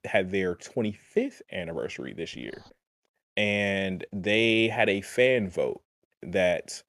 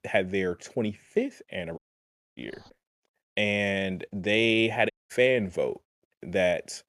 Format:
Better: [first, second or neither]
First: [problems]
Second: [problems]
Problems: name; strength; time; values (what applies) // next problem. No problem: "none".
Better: first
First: none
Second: audio cutting out; at 2 s for 0.5 s and at 5 s